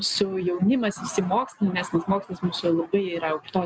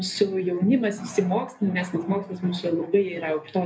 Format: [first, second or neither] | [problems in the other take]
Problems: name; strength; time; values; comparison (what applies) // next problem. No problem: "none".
first | room echo; dies away in 0.3 s